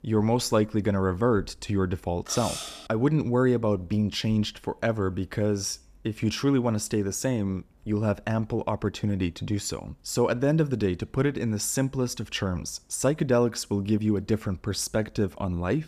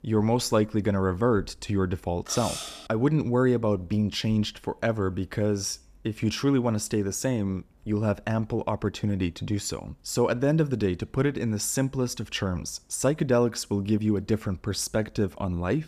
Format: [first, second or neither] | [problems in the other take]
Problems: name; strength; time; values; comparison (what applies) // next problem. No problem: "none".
neither | clattering dishes; noticeable; at 2.5 s; peak 6 dB below the speech; the same in both